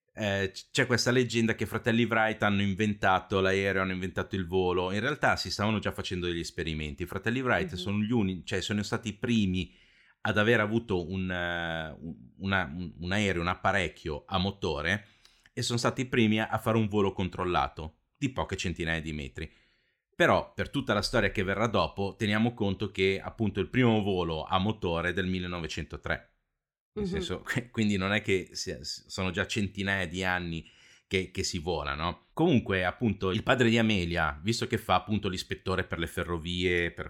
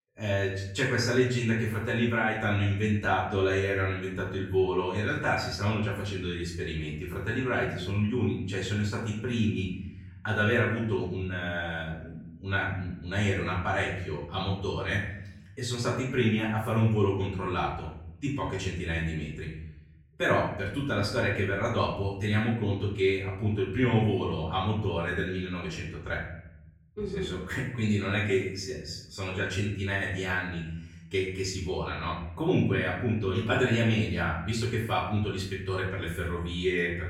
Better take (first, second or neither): first